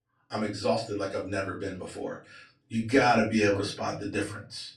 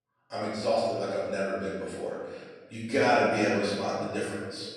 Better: first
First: room echo; slight; dies away in 0.5 s // off-mic speech; far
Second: room echo; strong; dies away in 1.4 s // off-mic speech; far

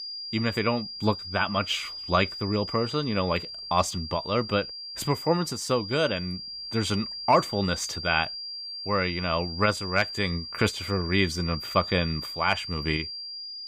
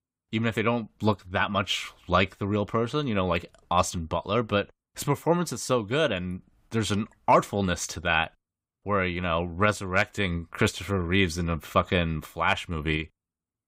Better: second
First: high-pitched whine; loud; throughout; 4.5 kHz, 7 dB below the speech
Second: none

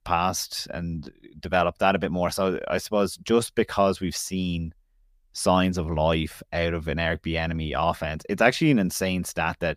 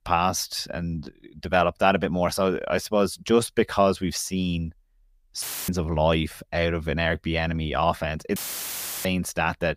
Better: first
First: none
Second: audio cutting out; filled with static; at 5.5 s and at 8.5 s for 0.5 s

